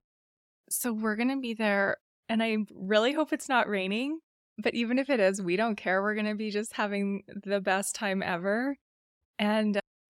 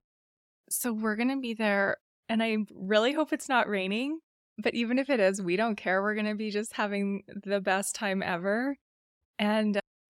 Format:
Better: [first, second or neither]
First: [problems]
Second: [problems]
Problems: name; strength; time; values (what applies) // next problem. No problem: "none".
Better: neither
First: none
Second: none